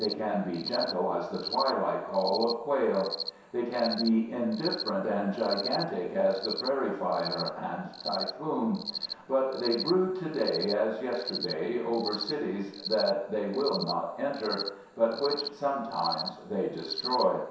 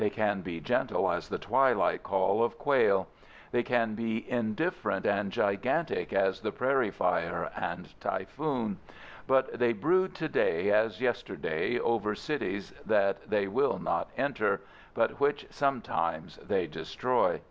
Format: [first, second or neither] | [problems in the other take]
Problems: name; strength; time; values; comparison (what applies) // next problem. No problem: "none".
second | background sound (Cricket); 9 dB below the speech // room echo; dies away in 0.7 s